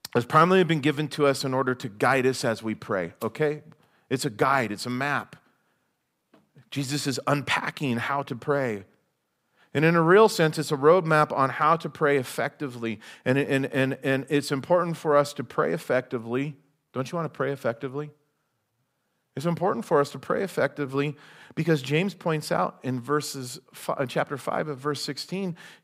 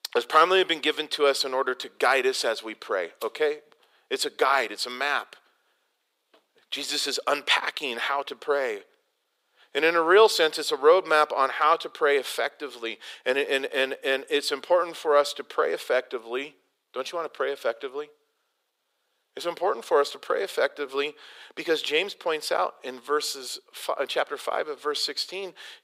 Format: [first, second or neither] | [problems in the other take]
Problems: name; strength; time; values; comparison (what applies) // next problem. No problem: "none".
first | thin; very; fading below 400 Hz